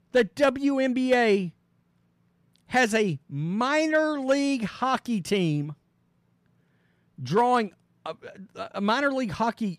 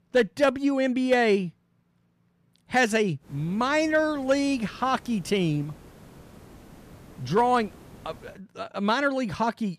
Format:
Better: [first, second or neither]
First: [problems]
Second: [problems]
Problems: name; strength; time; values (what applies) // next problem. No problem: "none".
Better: first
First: none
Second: hiss; faint; from 3.5 to 8.5 s; 25 dB below the speech